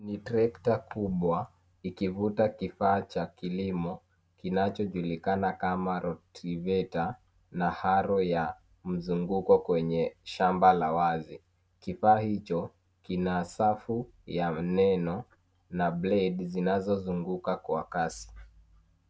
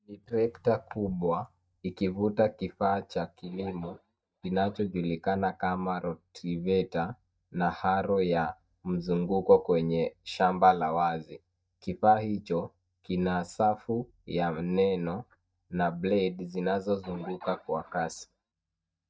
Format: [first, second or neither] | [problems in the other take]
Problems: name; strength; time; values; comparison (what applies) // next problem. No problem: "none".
first | noise reduction (neural mask model DeepFilterNet 3)